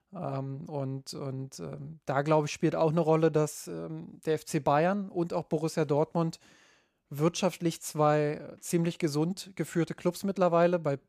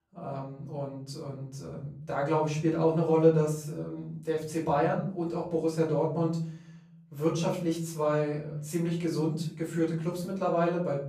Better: first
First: none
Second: room echo; slight; dies away in 0.7 s // off-mic speech; far

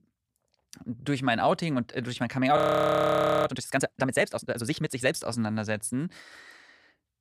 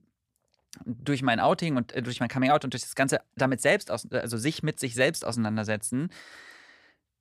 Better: second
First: audio freezing; at 2.5 s for 1 s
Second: none

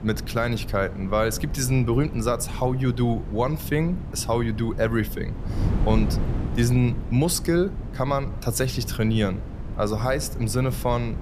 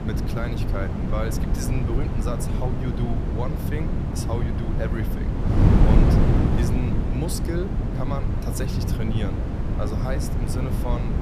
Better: first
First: wind noise on the microphone; occasional gusts; 15 dB below the speech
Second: wind noise on the microphone; heavy; 2 dB above the speech

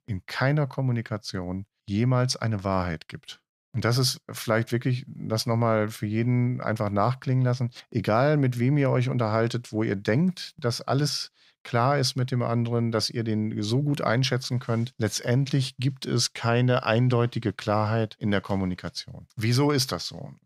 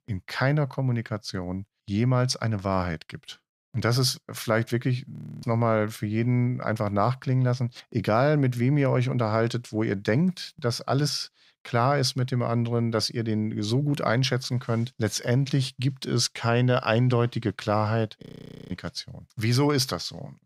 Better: first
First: none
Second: audio freezing; at 5 s and at 18 s

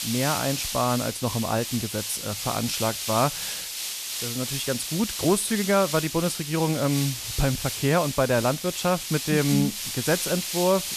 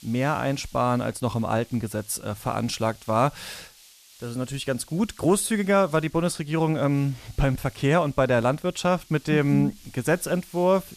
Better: second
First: hiss; loud; throughout; 4 dB below the speech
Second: hiss; faint; throughout; 25 dB below the speech

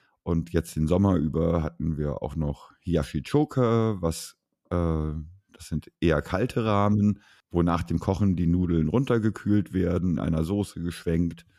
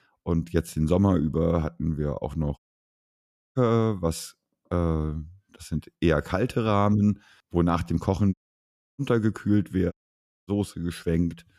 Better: first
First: none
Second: audio cutting out; at 2.5 s for 1 s, at 8.5 s for 0.5 s and at 10 s for 0.5 s

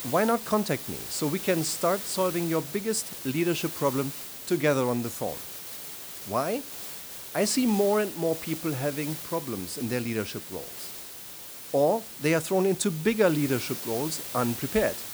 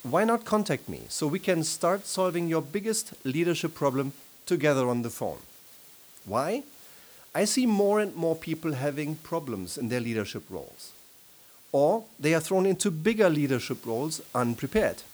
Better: second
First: hiss; loud; throughout; 8 dB below the speech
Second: hiss; faint; throughout; 20 dB below the speech

